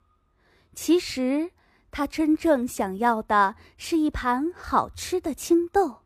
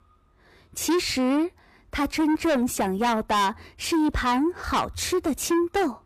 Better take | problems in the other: first | distortion; heavy; 6 dB below the speech

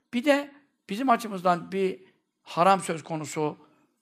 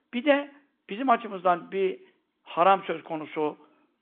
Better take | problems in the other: first | phone-call audio

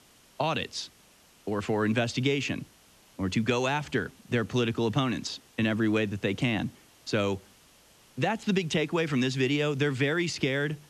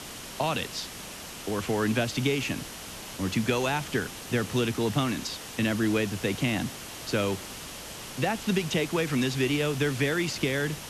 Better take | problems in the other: first | hiss; loud; throughout; 10 dB below the speech; faint in the first

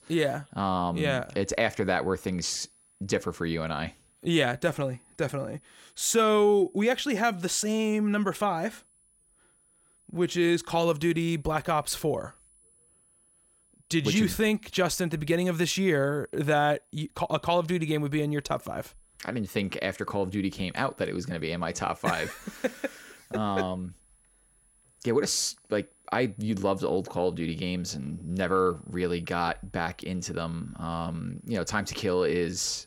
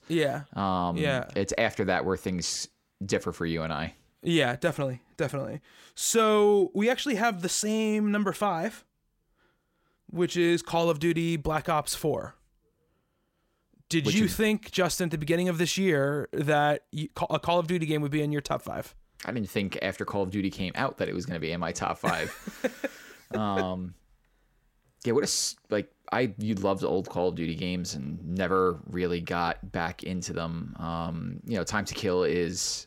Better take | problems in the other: second | high-pitched whine; faint; throughout; 10 kHz, 30 dB below the speech

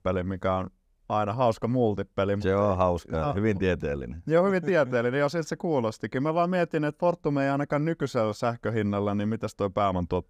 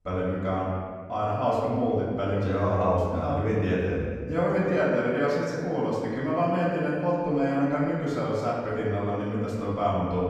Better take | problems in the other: first | off-mic speech; far // room echo; strong; dies away in 1.6 s

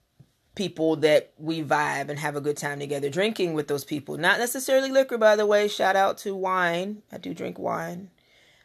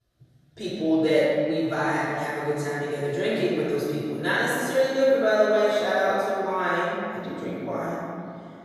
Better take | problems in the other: first | off-mic speech; far // room echo; strong; dies away in 2.5 s

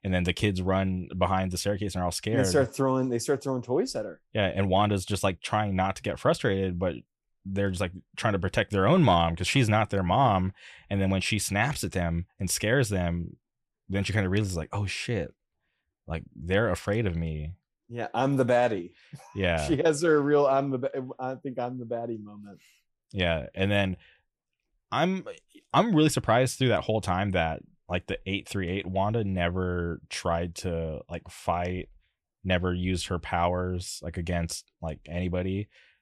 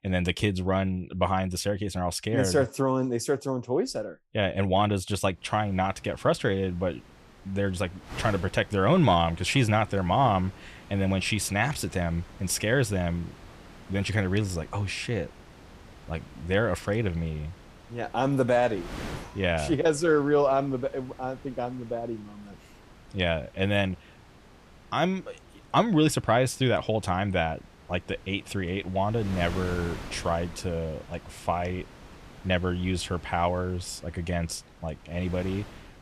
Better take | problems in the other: first | wind noise on the microphone; occasional gusts; from 5.5 s on; 20 dB below the speech

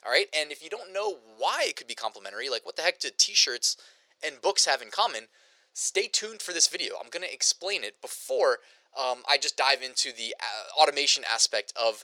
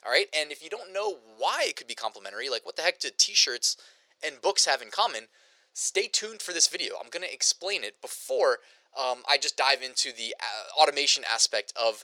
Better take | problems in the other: neither | thin; very; fading below 450 Hz; the same in both

